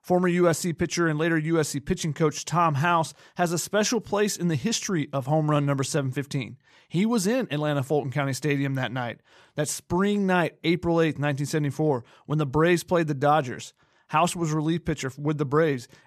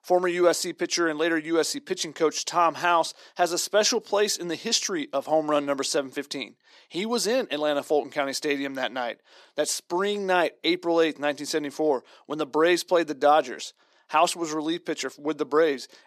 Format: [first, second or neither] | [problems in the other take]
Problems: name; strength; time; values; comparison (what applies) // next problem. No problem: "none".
first | thin; somewhat; fading below 250 Hz